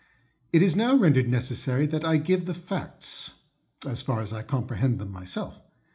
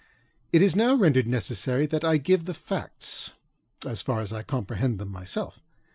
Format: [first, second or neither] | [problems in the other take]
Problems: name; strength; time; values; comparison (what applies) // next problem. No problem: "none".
second | room echo; dies away in 0.4 s